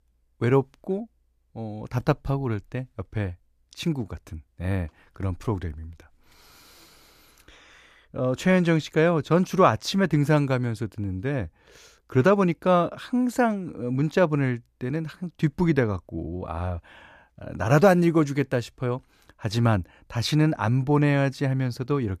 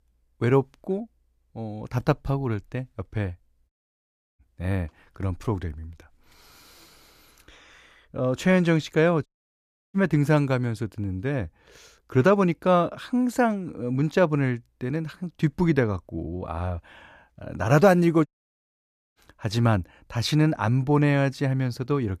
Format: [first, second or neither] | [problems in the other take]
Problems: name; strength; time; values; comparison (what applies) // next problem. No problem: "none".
first | audio cutting out; at 3.5 s for 0.5 s, at 9.5 s for 0.5 s and at 18 s for 1 s